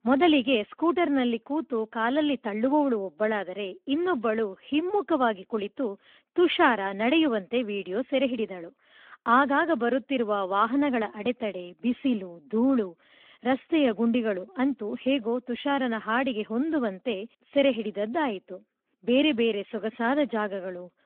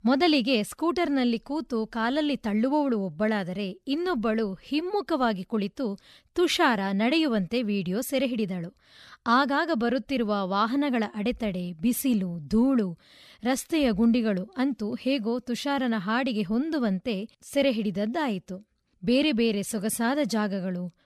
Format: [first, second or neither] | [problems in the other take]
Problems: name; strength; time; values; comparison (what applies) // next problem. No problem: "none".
second | phone-call audio; nothing above 3.5 kHz